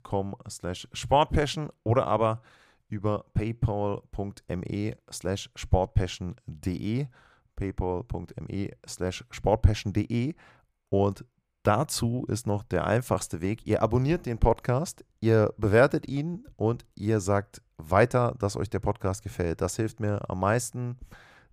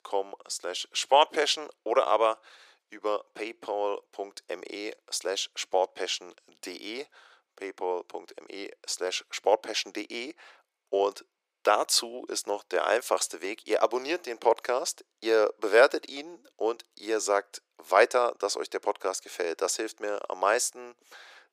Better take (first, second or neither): first